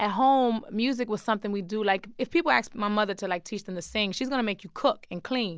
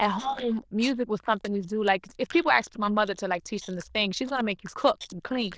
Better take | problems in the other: first | noise reduction (neural diffusion model UNIVERSE++)

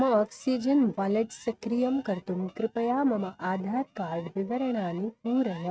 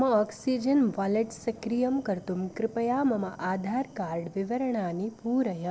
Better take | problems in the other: second | noise reduction (neural mask model RNNoise)

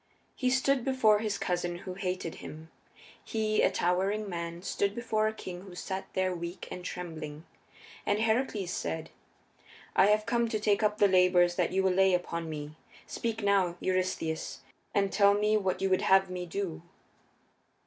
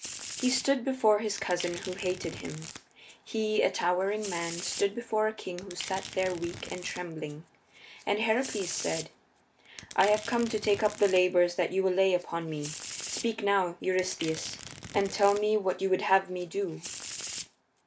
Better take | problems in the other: first | background sound (Domestic sounds, home sounds); 13 dB below the speech

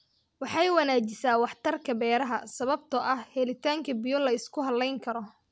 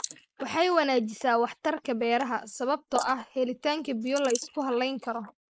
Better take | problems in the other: first | noise reduction (neural mask model Resemble Enhance denoiser)

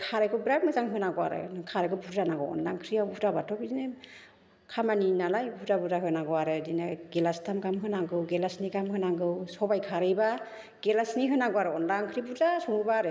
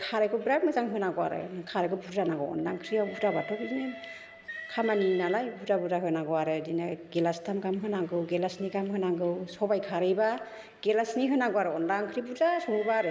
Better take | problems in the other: first | background sound (Train); 19 dB below the speech

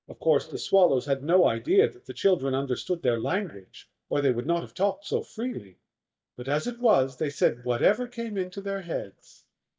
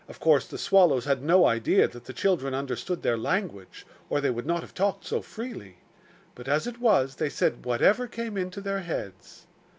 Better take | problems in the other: second | noise reduction (neural mask model DeepFilterNet 3)

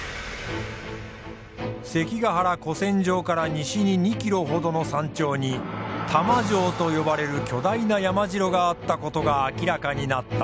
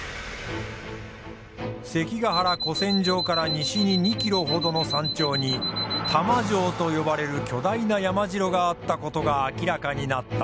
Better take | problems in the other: first | background sound (Alarm); 4 dB below the speech

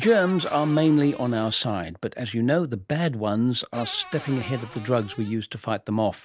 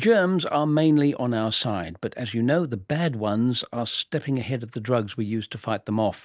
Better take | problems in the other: second | background sound (Cupboard open or close / Door); 17 dB below the speech

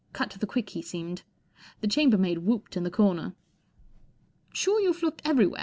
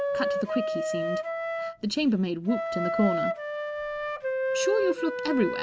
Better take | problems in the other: first | background sound (Wind instrument, woodwind instrument); as loud as the speech

